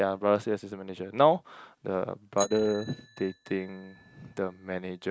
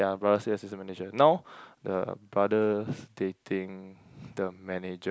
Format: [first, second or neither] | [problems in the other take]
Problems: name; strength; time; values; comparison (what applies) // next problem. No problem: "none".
second | noise reduction (neural mask model RNNoise)